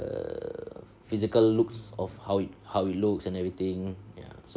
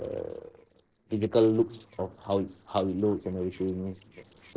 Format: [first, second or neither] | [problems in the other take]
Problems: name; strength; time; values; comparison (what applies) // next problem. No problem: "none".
first | noise reduction (neural separator model SepFormer DNS4)